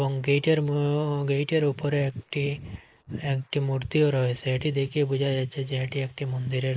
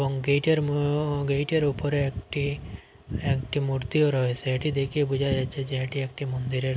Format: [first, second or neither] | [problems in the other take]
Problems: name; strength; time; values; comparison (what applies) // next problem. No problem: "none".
second | noise reduction (neural mask model Resemble Enhance denoiser)